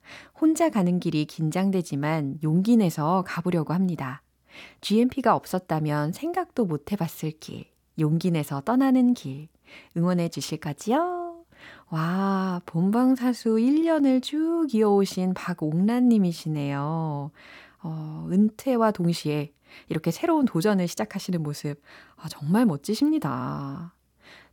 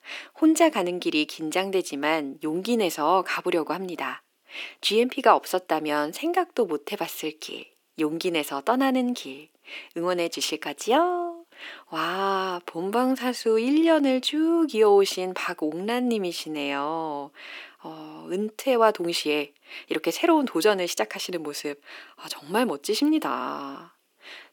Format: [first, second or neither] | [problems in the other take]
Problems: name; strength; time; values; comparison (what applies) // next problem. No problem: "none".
first | thin; somewhat; fading below 350 Hz